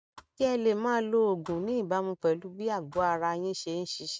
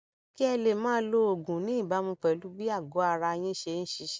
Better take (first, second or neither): second